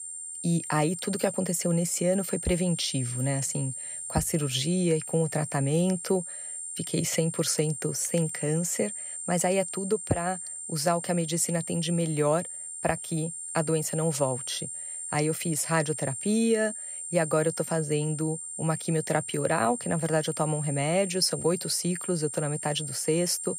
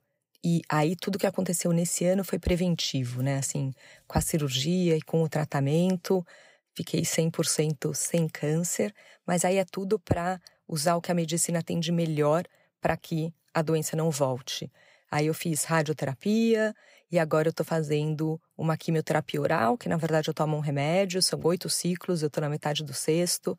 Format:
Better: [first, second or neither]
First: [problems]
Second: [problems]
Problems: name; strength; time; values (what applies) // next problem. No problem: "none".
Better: second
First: high-pitched whine; loud; throughout; 9 kHz, 6 dB below the speech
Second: none